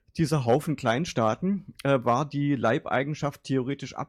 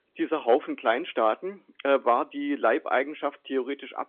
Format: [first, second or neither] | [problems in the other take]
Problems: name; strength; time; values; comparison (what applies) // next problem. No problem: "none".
first | phone-call audio; nothing above 3.5 kHz